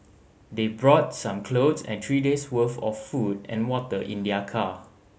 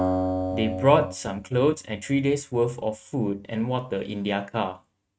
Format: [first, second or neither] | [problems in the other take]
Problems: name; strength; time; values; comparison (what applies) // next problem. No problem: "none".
first | noise reduction (neural mask model RNNoise)